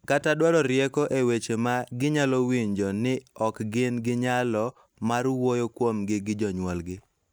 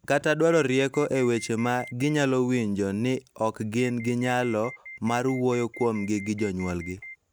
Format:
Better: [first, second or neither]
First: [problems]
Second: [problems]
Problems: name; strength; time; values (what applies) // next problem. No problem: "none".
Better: first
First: none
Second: background sound (Alarm); 17 dB below the speech